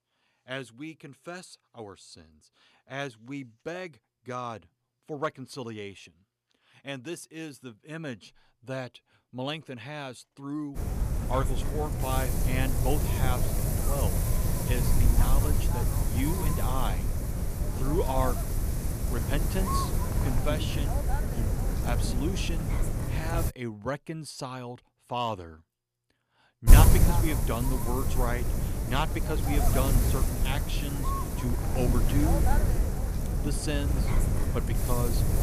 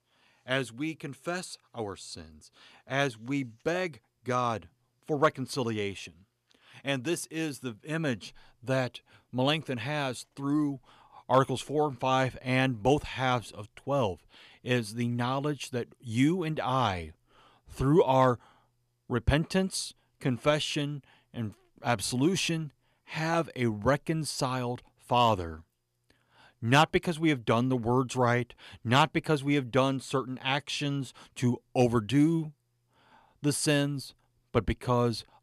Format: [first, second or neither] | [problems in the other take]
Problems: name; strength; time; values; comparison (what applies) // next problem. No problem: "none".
second | wind noise on the microphone; heavy; from 11 to 23 s and from 27 s on; 1 dB below the speech